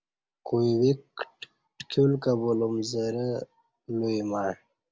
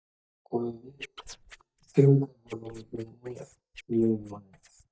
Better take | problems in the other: first | noise reduction (neural mask model DeepFilterNet 3)

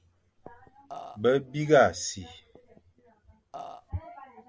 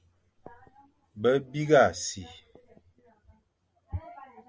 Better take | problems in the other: second | background sound (Burping, eructation); 12 dB below the speech

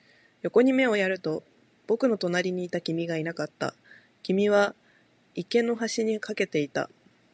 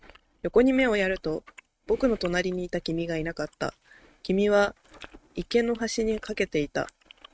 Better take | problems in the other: first | noise reduction (neural mask model RNNoise)

